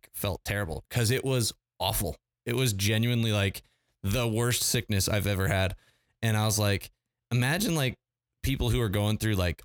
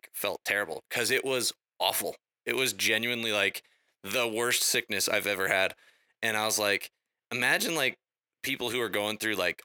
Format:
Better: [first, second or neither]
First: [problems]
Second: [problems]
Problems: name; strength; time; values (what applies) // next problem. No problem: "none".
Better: first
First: none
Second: thin; very; fading below 400 Hz